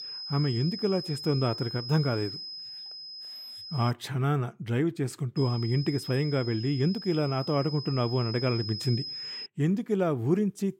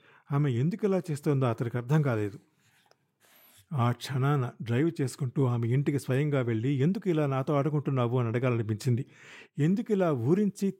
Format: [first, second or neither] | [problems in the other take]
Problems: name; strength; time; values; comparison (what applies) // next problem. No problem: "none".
second | high-pitched whine; loud; until 4 s and from 5.5 to 9.5 s; 5 kHz, 8 dB below the speech